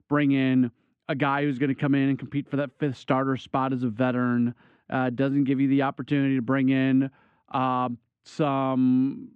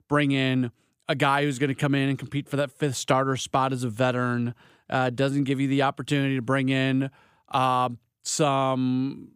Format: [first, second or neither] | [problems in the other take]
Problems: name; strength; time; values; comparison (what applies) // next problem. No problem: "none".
second | muffled; very; fading above 2 kHz